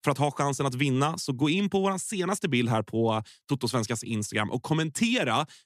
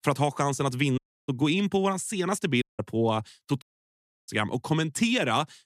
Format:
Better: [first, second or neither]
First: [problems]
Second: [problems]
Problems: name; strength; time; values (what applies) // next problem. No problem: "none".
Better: first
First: none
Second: audio cutting out; at 1 s, at 2.5 s and at 3.5 s for 0.5 s